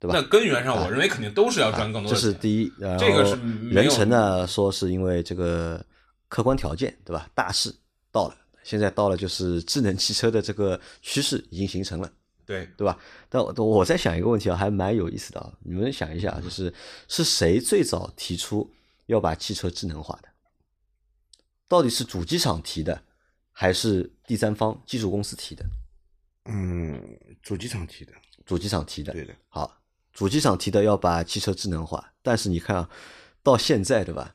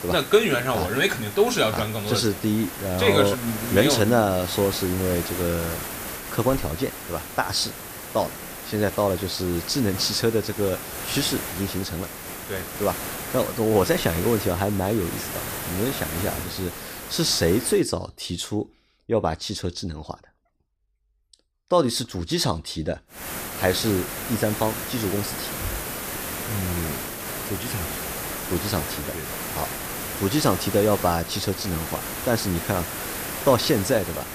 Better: first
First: none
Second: hiss; loud; until 18 s and from 23 s on; 7 dB below the speech

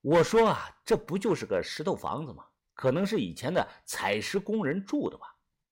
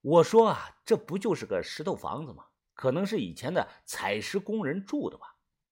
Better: second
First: distortion; slight; 3% of the sound clipped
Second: none

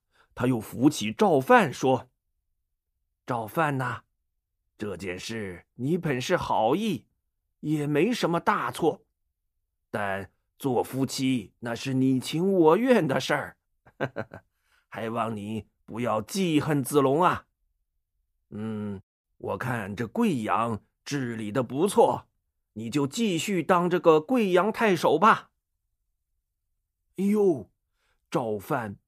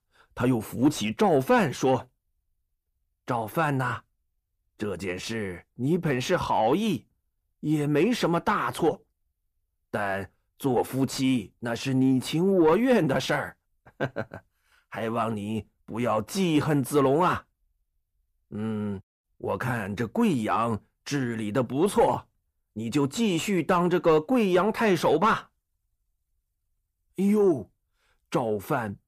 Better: first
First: none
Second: distortion; slight; 10 dB below the speech

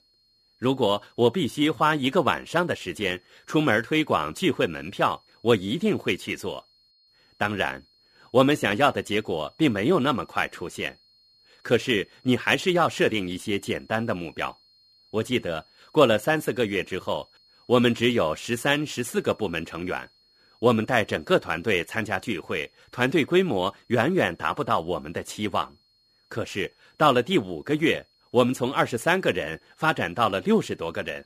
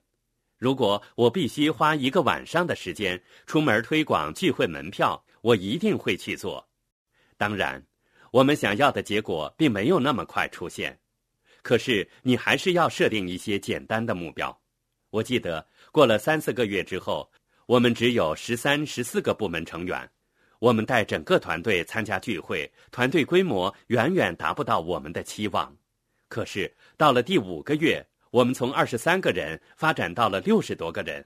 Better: second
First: high-pitched whine; faint; throughout; 4.5 kHz, 35 dB below the speech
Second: none

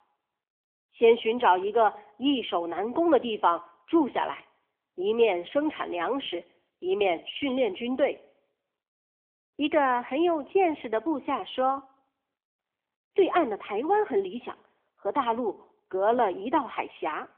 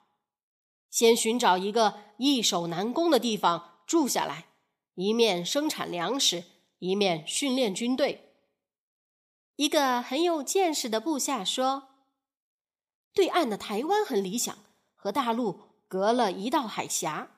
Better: second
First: phone-call audio; nothing above 3.5 kHz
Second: none

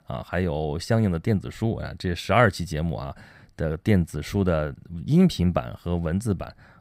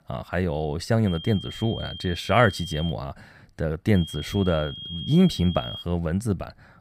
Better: first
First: none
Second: high-pitched whine; noticeable; from 1 to 3 s and from 4 to 6 s; 3.5 kHz, 10 dB below the speech

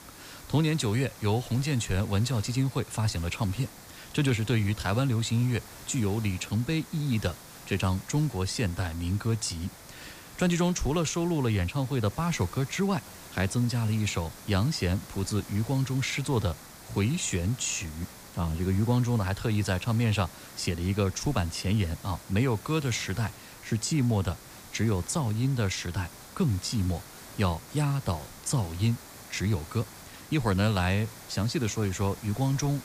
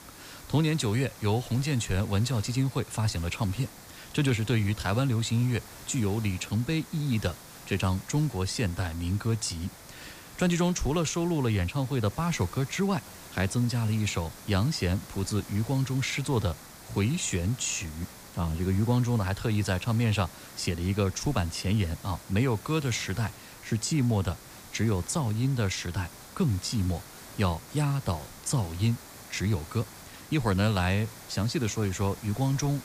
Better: neither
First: hiss; noticeable; throughout; 15 dB below the speech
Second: hiss; noticeable; throughout; 15 dB below the speech

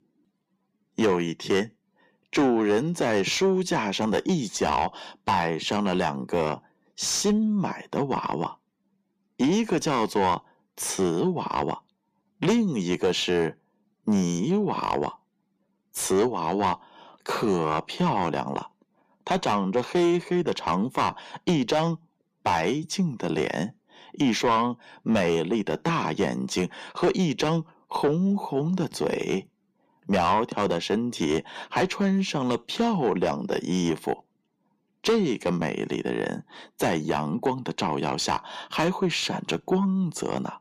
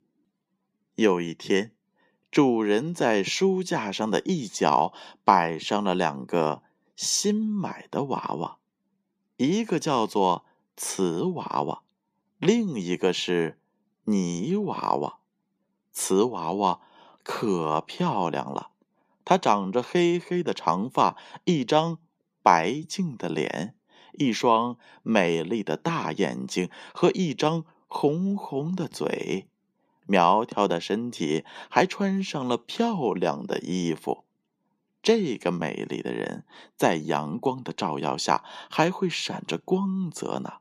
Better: second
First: distortion; heavy; 7 dB below the speech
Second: none

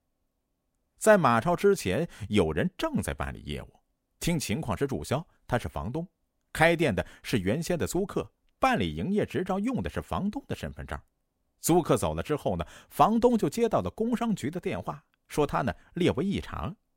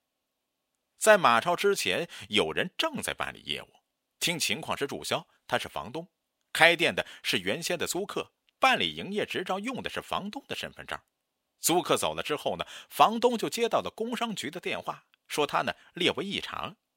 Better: first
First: none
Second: thin; somewhat; fading below 700 Hz

